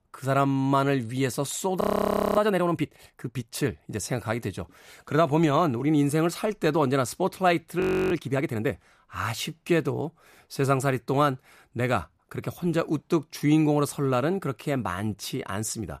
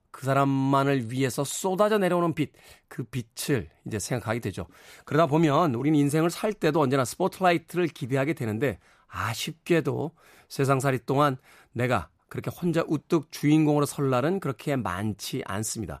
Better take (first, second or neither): second